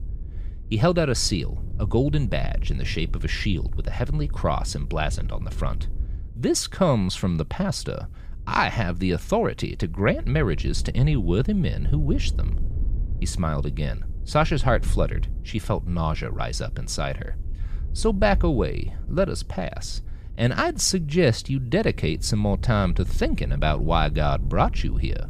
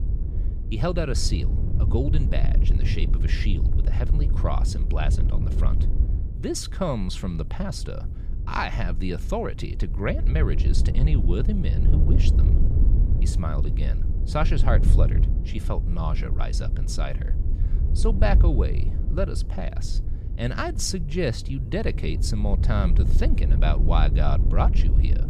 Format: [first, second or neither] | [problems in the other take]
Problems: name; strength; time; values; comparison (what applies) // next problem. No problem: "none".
first | wind noise on the microphone; heavy; 9 dB below the speech; occasional gusts in the first